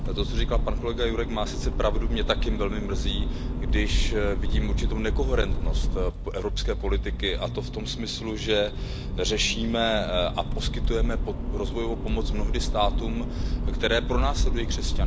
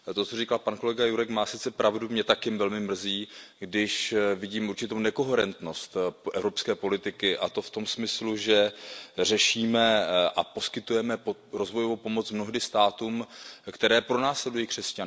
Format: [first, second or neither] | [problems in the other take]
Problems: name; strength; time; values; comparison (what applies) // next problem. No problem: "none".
second | background sound (Accelerating, revving, vroom); 3 dB above the speech